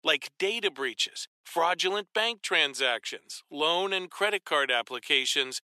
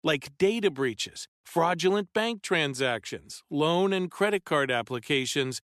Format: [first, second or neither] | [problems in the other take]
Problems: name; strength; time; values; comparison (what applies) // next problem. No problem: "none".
second | thin; somewhat; fading below 500 Hz